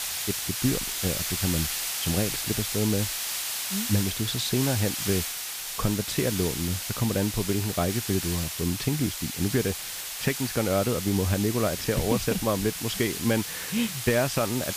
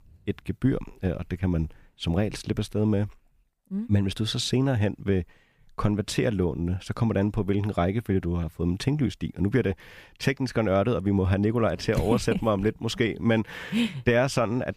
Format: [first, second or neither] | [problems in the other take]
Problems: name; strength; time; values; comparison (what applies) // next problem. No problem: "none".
second | hiss; loud; throughout; 2 dB below the speech